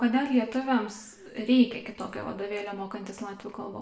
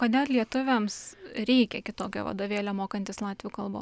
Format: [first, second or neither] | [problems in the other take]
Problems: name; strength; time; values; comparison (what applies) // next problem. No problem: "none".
second | room echo; dies away in 0.6 s